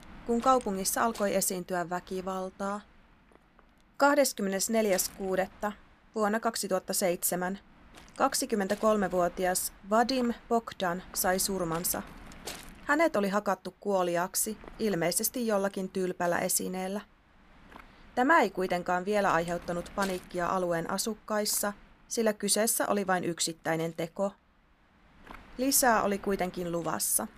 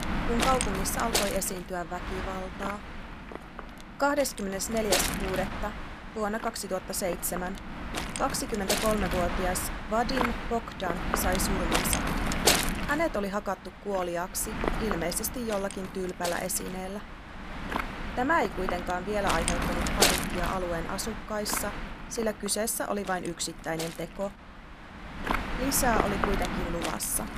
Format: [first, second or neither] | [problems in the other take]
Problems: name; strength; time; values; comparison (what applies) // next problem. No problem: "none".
first | wind noise on the microphone; heavy; 1 dB below the speech; occasional gusts in the first